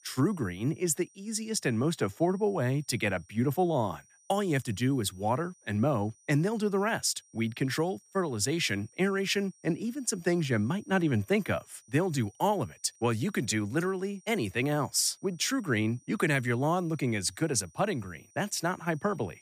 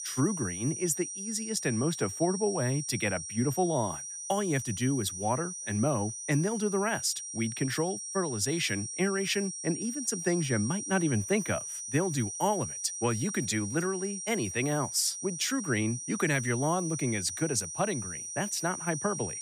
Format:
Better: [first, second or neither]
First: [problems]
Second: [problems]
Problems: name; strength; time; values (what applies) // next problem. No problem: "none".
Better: first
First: high-pitched whine; faint; throughout; 6 kHz, 30 dB below the speech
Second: high-pitched whine; loud; throughout; 6 kHz, 6 dB below the speech